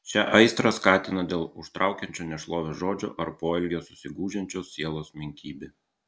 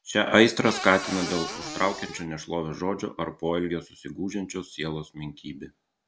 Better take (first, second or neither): first